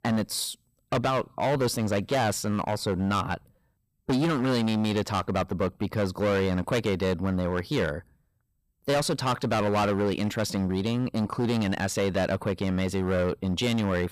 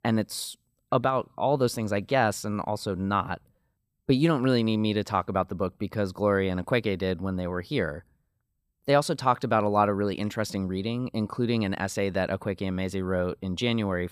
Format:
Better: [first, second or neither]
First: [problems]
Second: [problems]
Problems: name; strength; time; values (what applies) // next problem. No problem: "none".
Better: second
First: distortion; heavy; 15% of the sound clipped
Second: none